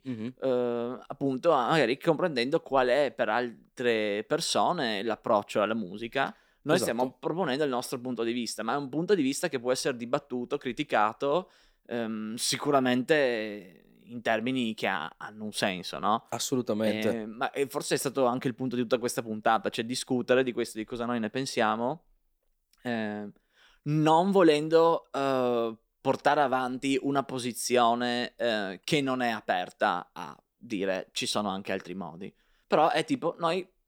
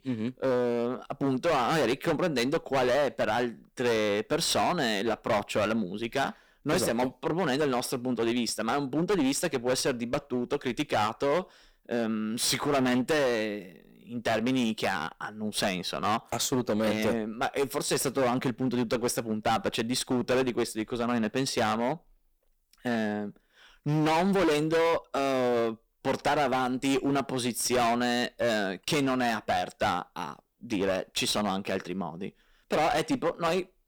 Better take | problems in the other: first | distortion; heavy; 16% of the sound clipped

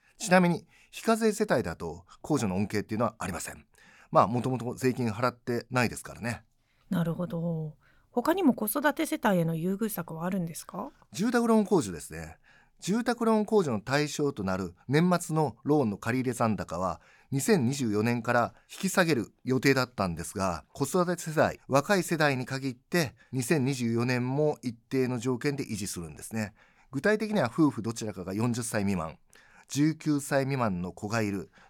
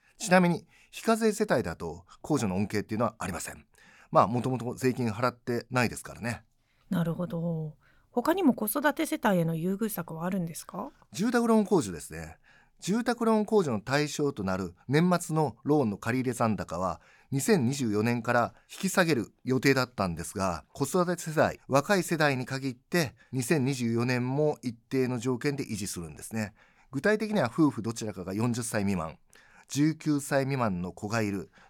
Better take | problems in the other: neither | none

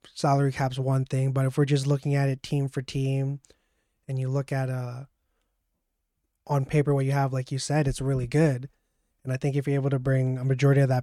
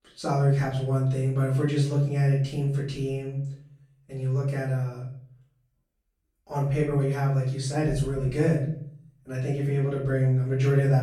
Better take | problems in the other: first | off-mic speech; far // room echo; noticeable; dies away in 0.5 s

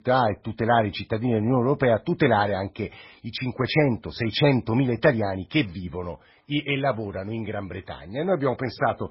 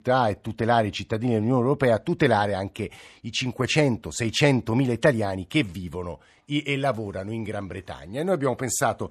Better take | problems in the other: second | garbled, watery; badly; nothing above 5.5 kHz

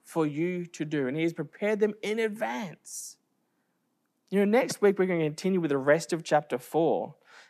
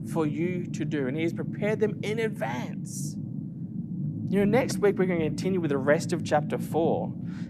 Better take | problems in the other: first | low rumble; noticeable; throughout; 10 dB below the speech

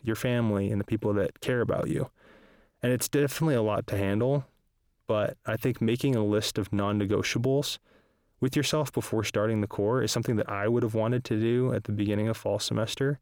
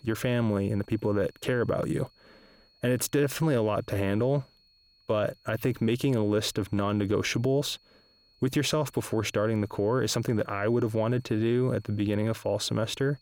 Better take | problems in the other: first | high-pitched whine; faint; throughout; 4.5 kHz, 35 dB below the speech

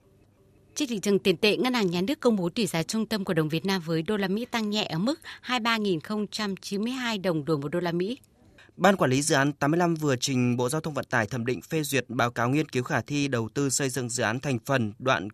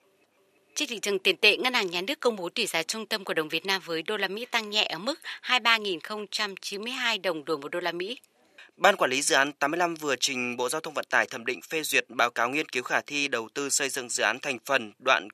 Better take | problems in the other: first | thin; somewhat; fading below 450 Hz

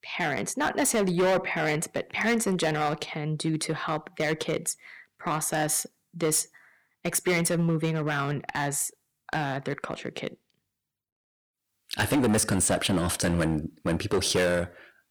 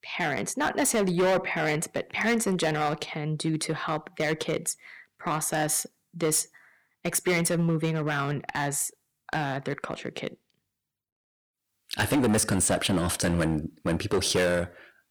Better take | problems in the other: neither | distortion; heavy; 7% of the sound clipped; the same in both

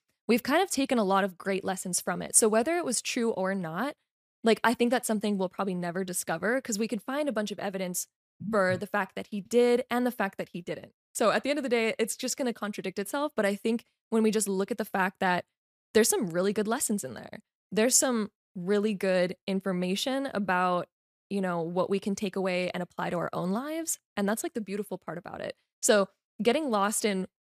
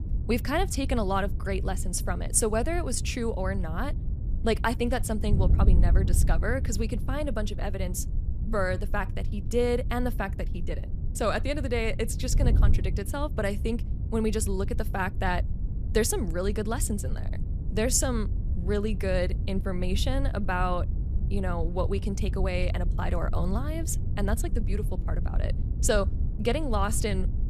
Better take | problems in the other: first | wind noise on the microphone; occasional gusts; 15 dB below the speech

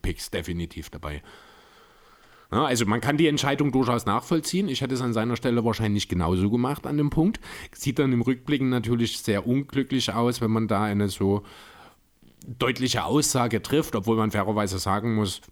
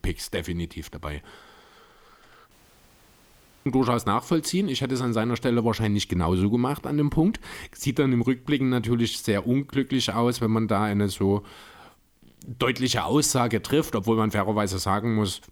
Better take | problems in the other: first | audio cutting out; at 2.5 s for 1 s

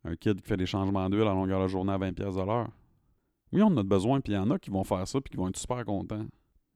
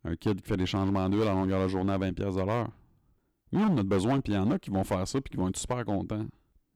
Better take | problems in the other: first | distortion; slight; 7% of the sound clipped

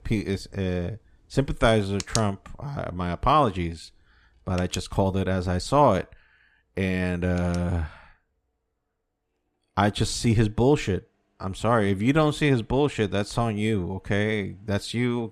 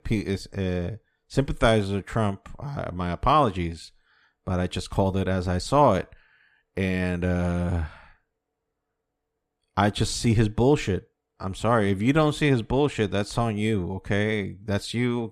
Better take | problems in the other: second | household noises; noticeable; throughout; 10 dB below the speech

